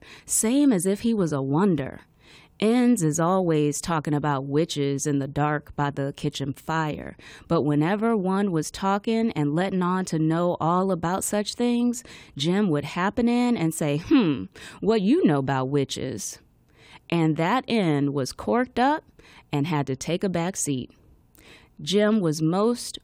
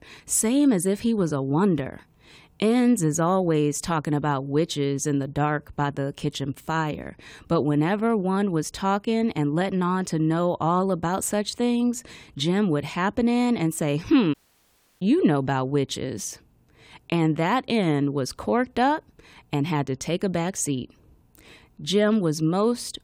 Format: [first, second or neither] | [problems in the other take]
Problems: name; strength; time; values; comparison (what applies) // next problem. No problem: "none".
first | audio cutting out; at 14 s for 0.5 s